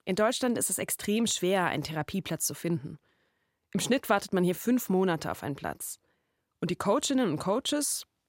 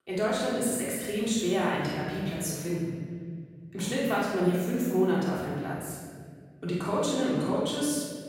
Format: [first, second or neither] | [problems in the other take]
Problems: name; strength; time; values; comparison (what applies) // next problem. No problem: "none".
first | off-mic speech; far // room echo; strong; dies away in 1.8 s